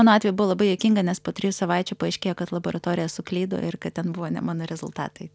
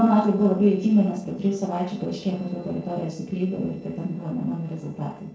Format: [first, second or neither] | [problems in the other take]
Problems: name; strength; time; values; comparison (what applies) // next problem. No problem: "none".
first | noise reduction (neural separator model SepFormer DNS4)